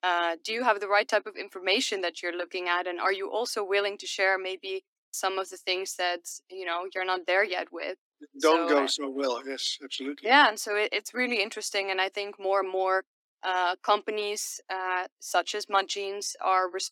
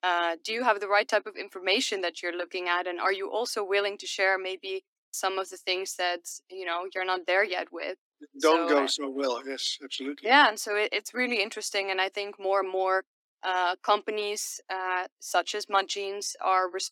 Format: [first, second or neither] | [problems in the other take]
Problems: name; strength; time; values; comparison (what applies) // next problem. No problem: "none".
neither | thin; somewhat; fading below 250 Hz; the same in both